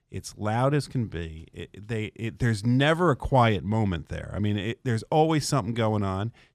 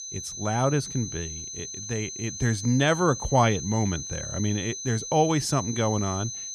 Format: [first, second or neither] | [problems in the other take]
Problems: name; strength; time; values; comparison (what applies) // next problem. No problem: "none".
first | high-pitched whine; loud; throughout; 6 kHz, 8 dB below the speech